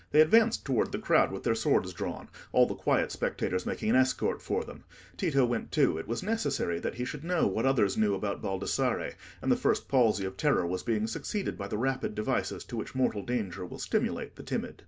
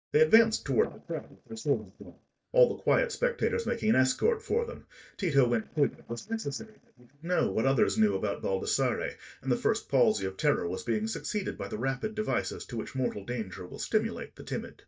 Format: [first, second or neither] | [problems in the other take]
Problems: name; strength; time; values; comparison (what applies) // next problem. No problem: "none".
first | noise reduction (neural mask model DeepFilterNet 3)